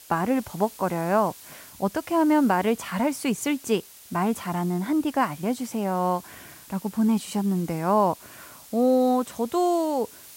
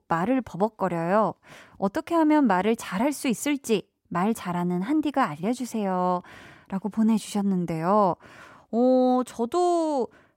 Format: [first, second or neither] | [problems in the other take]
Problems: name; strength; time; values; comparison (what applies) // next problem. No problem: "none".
second | hiss; noticeable; throughout; 20 dB below the speech